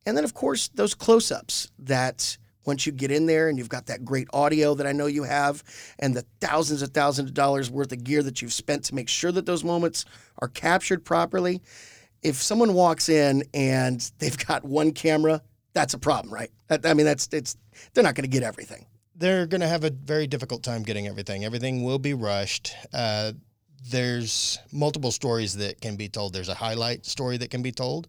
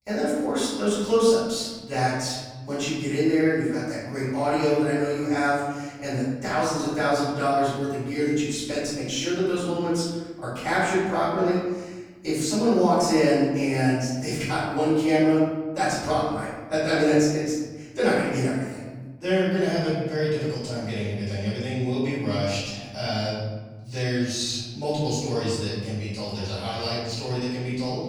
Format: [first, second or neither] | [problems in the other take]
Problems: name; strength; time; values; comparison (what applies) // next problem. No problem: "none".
first | room echo; strong; dies away in 1.3 s // off-mic speech; far